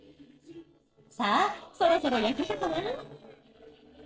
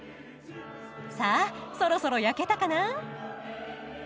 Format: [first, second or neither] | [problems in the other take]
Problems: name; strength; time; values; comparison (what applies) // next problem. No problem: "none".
second | noise reduction (neural separator model SepFormer DNS4)